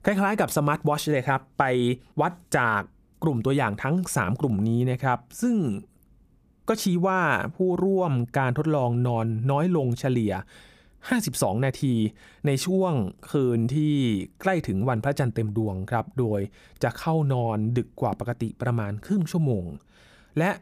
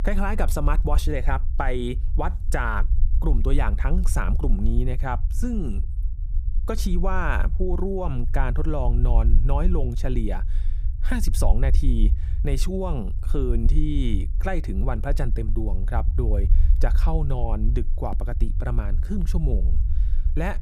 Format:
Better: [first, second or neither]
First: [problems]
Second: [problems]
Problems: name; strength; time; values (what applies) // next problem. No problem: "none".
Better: first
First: none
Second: low rumble; noticeable; throughout; 15 dB below the speech